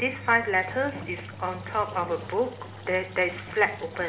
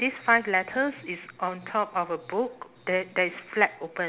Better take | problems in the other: second | background sound (Engine); 13 dB below the speech // room echo; dies away in 0.9 s

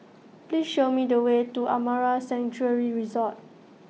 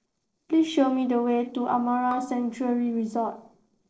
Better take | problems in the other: first | noise reduction (neural separator model SepFormer DNS4)

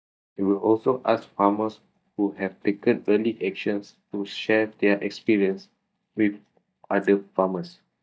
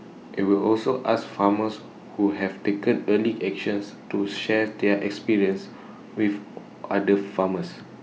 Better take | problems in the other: second | noise reduction (neural mask model DeepFilterNet 3)

